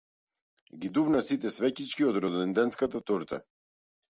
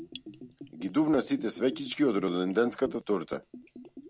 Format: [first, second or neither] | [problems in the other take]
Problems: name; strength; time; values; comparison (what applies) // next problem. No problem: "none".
first | background sound (Bathtub (filling or washing) / Gurgling); 16 dB below the speech